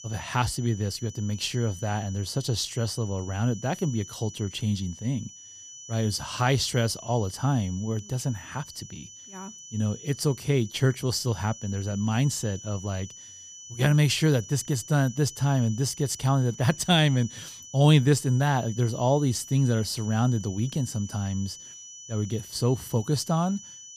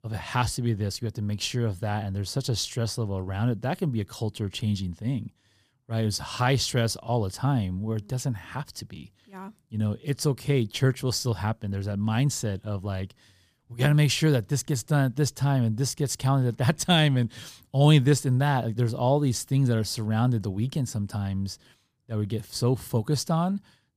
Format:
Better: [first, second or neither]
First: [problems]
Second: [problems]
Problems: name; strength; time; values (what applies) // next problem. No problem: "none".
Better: second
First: high-pitched whine; noticeable; throughout; 6 kHz, 15 dB below the speech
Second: none